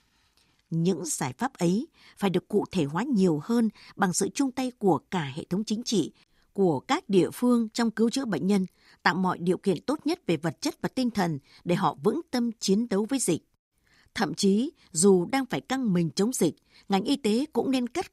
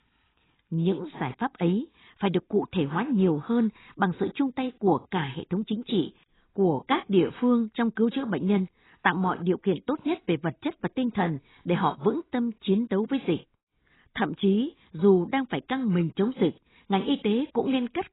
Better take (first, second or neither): first